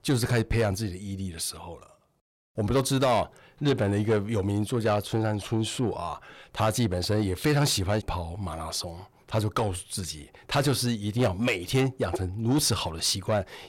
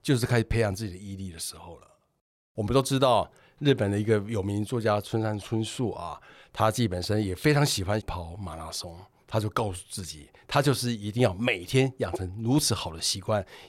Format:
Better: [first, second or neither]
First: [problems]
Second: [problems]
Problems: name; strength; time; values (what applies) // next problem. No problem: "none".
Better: second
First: distortion; slight; 10 dB below the speech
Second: none